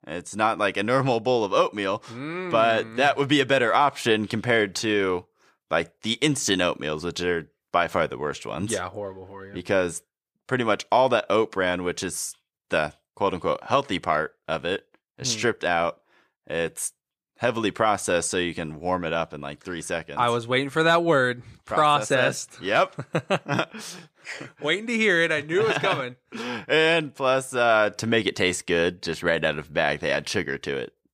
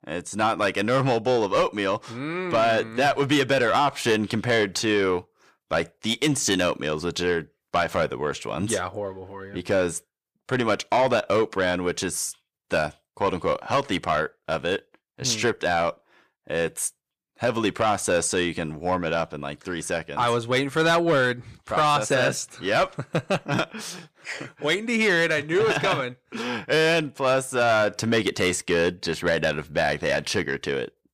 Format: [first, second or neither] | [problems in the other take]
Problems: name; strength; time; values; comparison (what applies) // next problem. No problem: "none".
first | distortion; slight; 10 dB below the speech